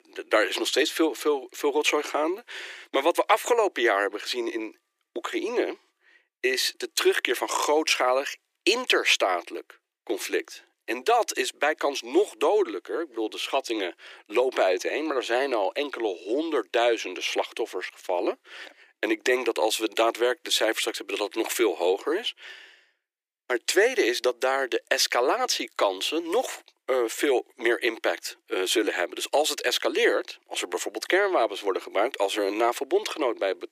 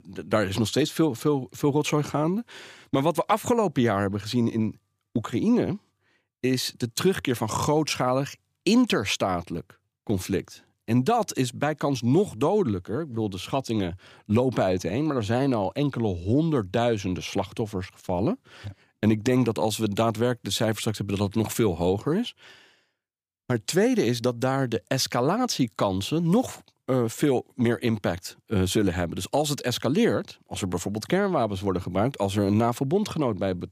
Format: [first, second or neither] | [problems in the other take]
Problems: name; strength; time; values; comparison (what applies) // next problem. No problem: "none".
second | thin; very; fading below 350 Hz